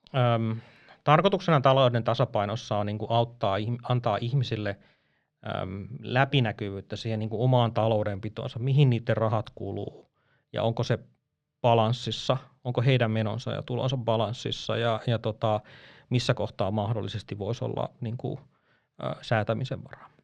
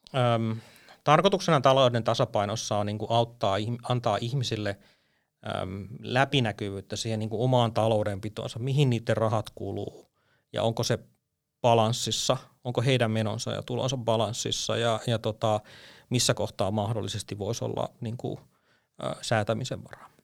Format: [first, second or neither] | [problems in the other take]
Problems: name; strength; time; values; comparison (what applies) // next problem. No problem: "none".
second | muffled; slightly; fading above 3 kHz